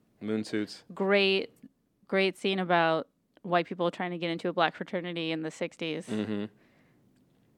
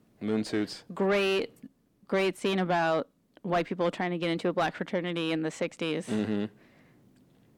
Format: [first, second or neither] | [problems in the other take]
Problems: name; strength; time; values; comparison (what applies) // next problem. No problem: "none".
first | distortion; heavy; 8 dB below the speech